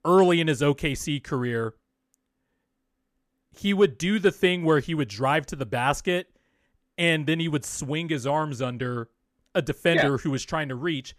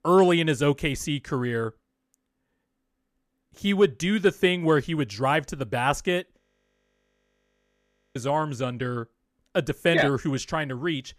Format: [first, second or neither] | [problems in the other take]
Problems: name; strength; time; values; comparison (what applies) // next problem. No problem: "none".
first | audio freezing; at 6.5 s for 2 s